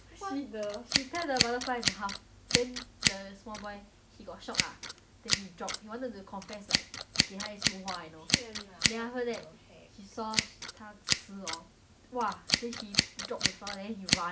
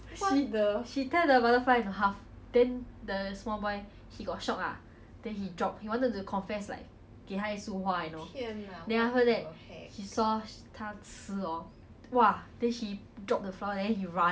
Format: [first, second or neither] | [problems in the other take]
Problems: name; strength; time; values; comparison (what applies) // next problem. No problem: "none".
second | background sound (Scissors); 5 dB above the speech